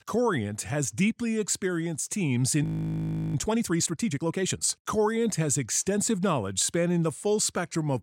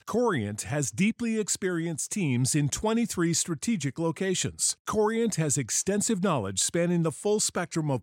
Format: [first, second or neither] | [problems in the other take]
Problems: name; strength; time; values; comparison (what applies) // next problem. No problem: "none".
second | audio freezing; at 2.5 s for 0.5 s